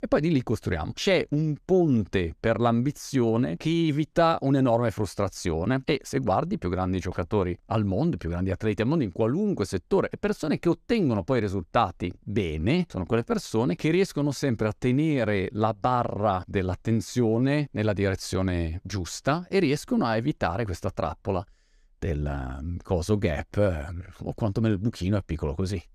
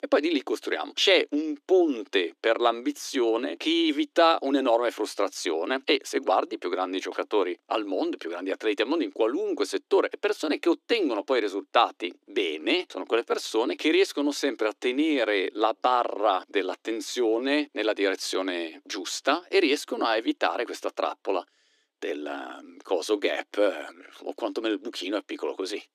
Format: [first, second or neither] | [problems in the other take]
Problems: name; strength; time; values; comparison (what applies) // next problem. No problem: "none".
first | thin; somewhat; fading below 300 Hz